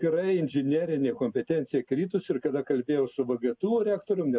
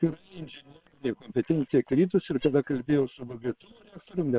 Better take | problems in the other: first | noise reduction (neural separator model SepFormer WHAM!)

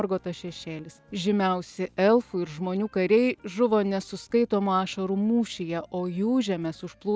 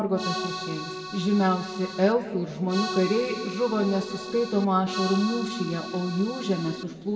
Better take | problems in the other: first | background sound (Accordion); 8 dB below the speech // room echo; dies away in 1.9 s

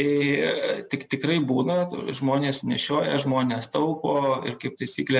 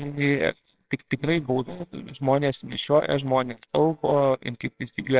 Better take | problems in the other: first | noise reduction (neural separator model SepFormer WHAMR!)

